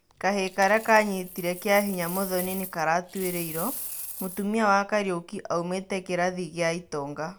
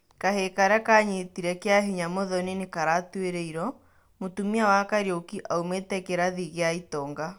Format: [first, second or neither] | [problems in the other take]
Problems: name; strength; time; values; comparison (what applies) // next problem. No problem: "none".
second | background sound (Coin (dropping)); 14 dB below the speech